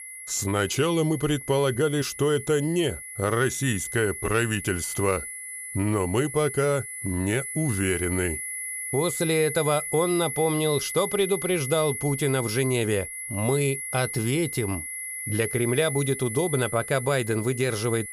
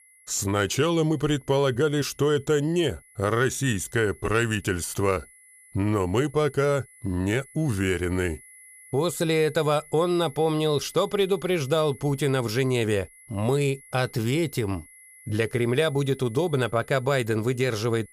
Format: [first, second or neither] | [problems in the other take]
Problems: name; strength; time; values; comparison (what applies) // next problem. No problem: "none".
second | high-pitched whine; loud; throughout; 10 kHz, 7 dB below the speech; faint in the second